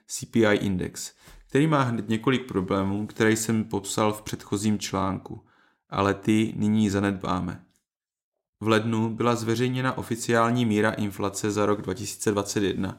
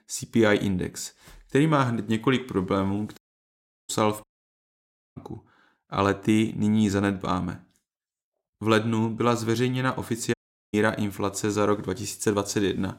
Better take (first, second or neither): first